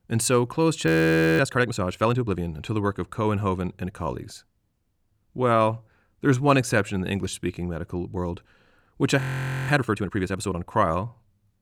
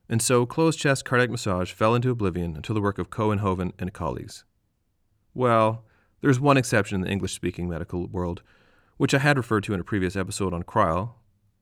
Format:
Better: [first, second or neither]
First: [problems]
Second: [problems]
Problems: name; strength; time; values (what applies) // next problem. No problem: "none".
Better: second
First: audio freezing; at 1 s for 0.5 s and at 9 s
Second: none